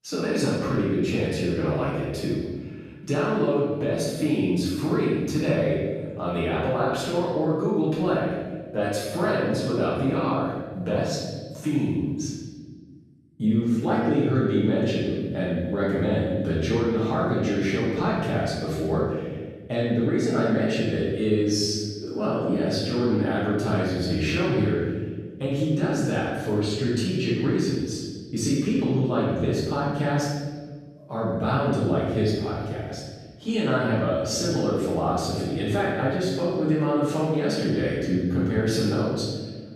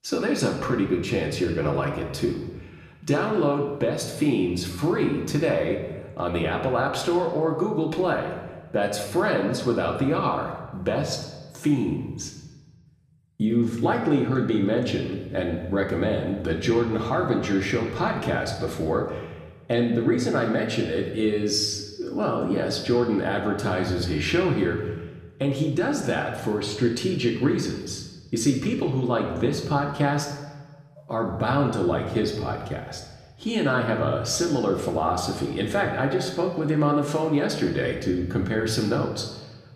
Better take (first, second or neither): second